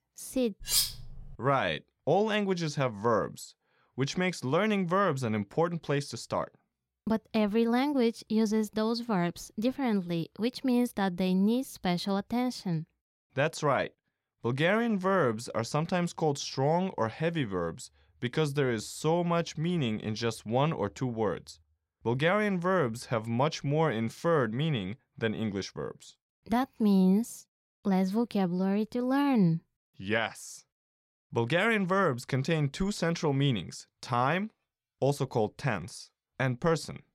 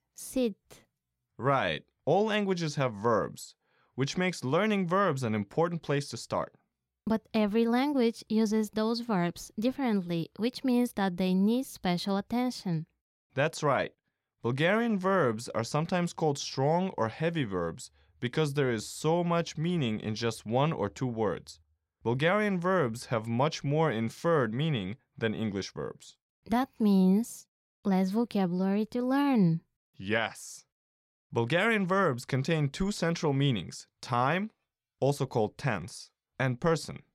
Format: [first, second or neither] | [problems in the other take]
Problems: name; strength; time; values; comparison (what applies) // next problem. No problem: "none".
second | clattering dishes; loud; at 0.5 s; peak 3 dB above the speech